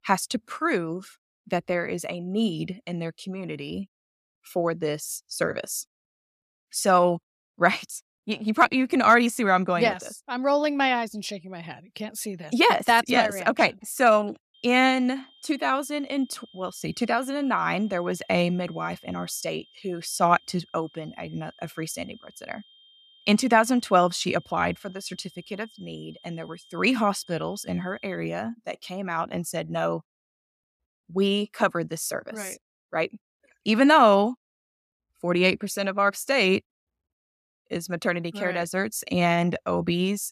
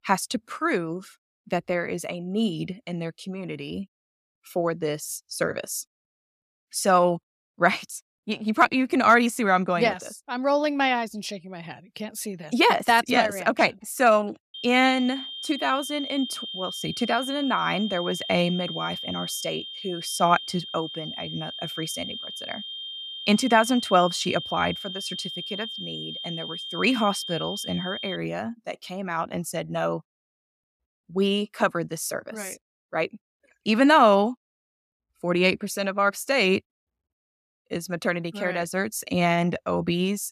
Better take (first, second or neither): first